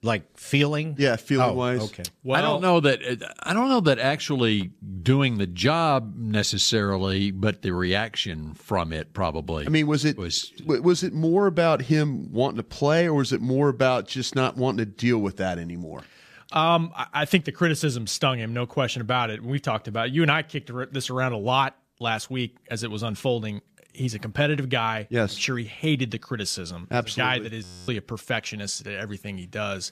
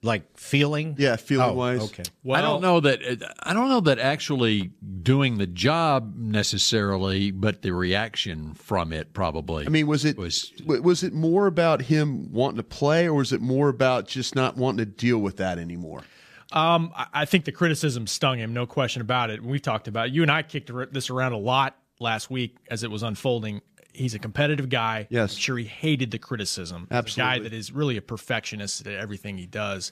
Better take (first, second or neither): second